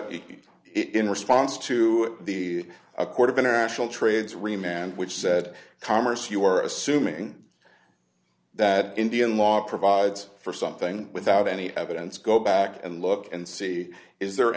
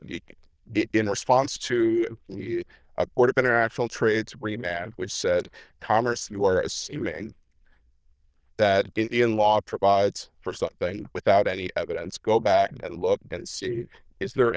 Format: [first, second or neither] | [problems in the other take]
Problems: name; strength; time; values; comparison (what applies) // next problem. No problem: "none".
first | noise reduction (neural diffusion model UNIVERSE++)